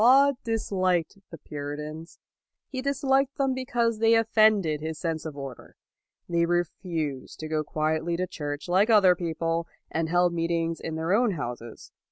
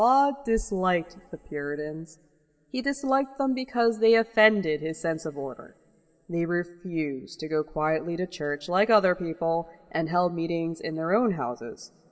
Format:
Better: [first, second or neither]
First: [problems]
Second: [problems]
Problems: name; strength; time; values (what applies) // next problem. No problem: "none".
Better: first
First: none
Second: room echo; dies away in 1.2 s